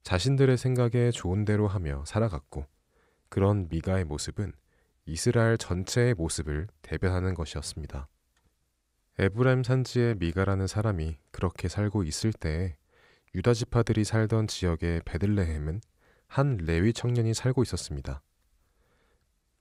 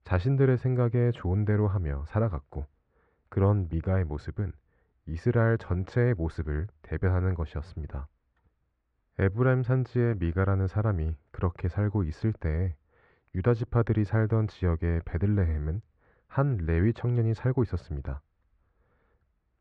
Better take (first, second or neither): first